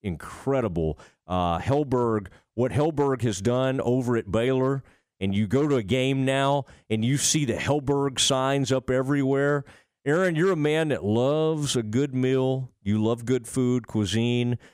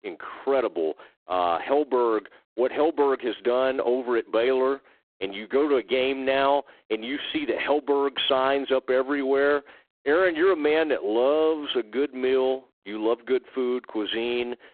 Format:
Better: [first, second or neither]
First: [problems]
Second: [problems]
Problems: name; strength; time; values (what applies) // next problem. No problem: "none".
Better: first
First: none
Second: phone-call audio; poor line